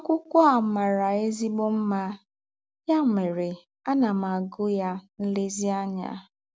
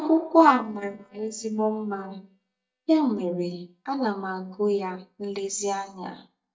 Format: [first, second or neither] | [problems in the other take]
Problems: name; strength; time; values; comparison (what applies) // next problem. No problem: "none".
first | noise reduction (neural mask model DeepFilterNet 3)